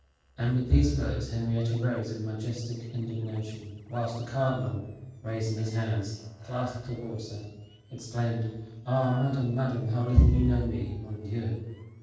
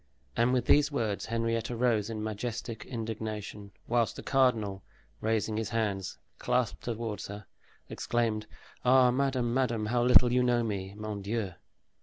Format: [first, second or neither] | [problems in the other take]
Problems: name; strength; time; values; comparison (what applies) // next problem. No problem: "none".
second | noise reduction (neural separator model SepFormer DNS4)